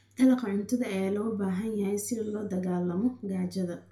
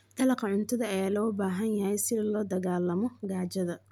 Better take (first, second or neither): second